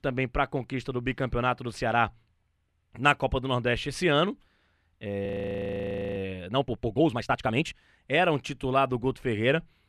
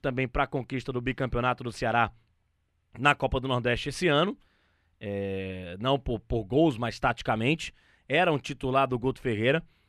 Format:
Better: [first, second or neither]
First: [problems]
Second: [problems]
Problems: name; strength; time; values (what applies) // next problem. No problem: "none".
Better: second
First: audio freezing; at 5.5 s for 1 s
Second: none